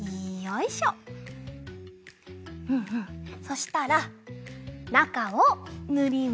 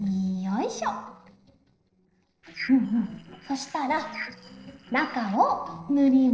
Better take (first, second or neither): first